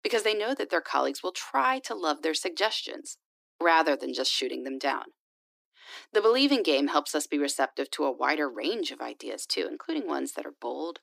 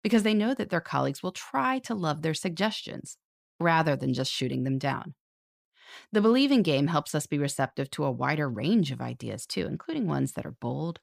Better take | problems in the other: second | thin; somewhat; fading below 300 Hz

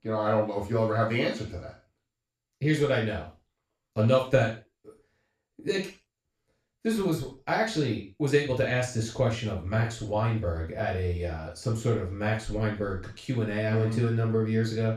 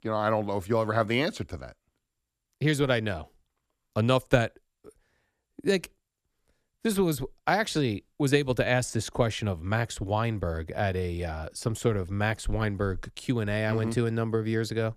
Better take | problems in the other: second | room echo; noticeable; dies away in 0.3 s // off-mic speech; far

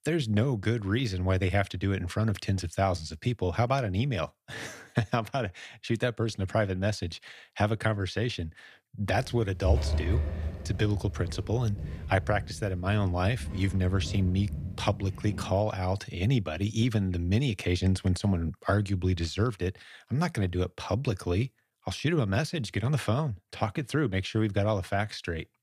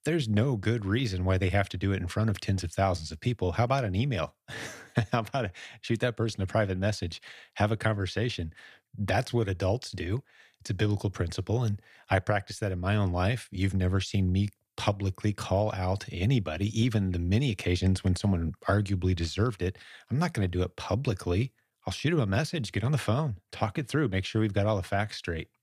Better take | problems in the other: second | footsteps; loud; from 9.5 to 16 s; peak 1 dB above the speech

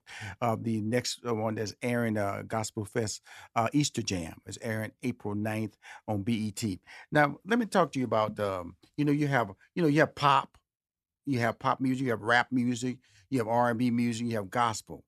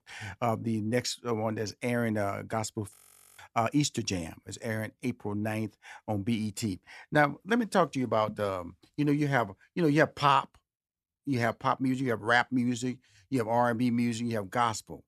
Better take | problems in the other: first | audio freezing; at 3 s

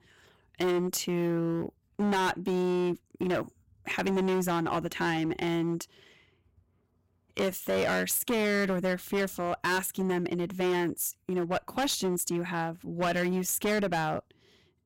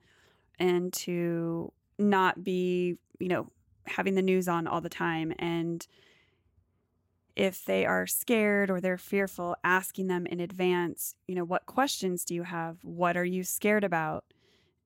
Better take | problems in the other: second | distortion; heavy; 15% of the sound clipped

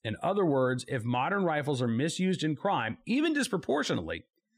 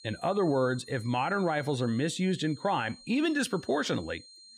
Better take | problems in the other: first | high-pitched whine; faint; throughout; 4 kHz, 20 dB below the speech

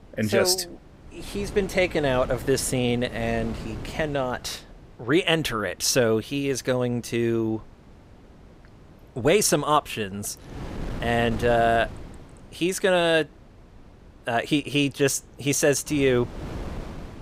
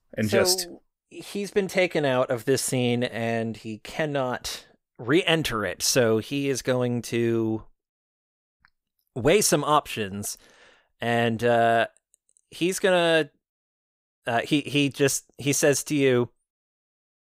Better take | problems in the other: second | wind noise on the microphone; occasional gusts; 20 dB below the speech

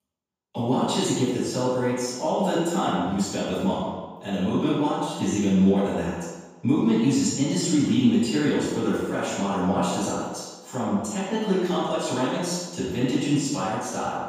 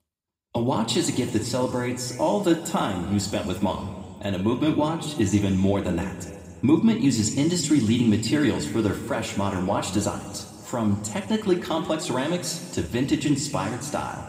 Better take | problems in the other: second | room echo; strong; dies away in 1.2 s; slight in the second // off-mic speech; far; somewhat distant in the second

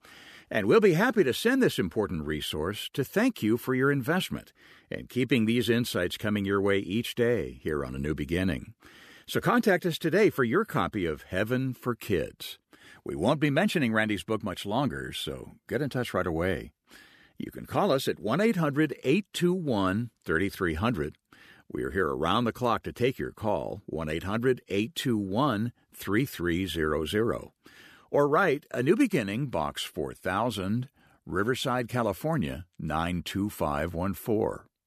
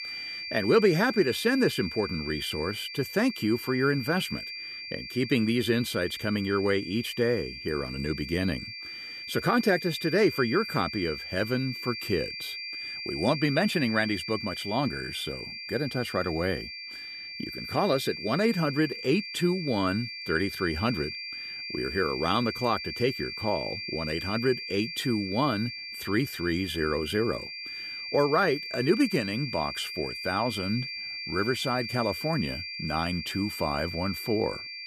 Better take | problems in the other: first | high-pitched whine; loud; throughout; 2.5 kHz, 7 dB below the speech

